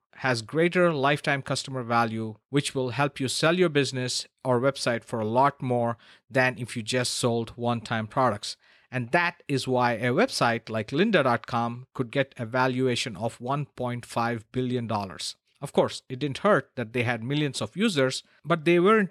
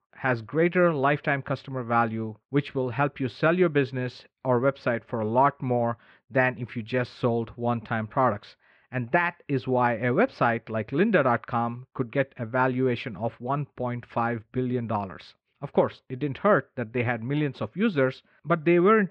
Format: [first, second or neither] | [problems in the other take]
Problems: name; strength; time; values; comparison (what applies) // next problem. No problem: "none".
first | muffled; very; fading above 2.5 kHz